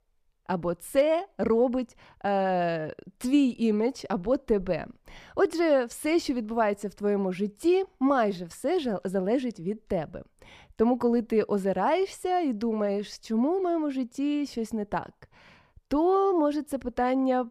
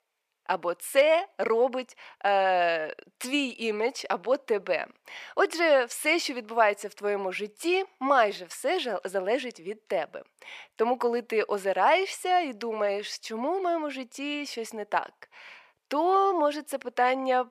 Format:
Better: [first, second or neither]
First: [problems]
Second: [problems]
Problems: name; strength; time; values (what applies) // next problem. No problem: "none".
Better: first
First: none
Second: thin; somewhat; fading below 600 Hz